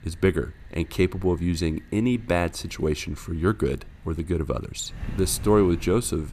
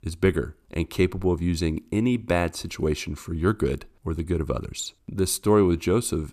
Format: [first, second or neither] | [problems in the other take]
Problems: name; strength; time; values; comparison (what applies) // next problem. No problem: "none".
second | wind noise on the microphone; occasional gusts; 25 dB below the speech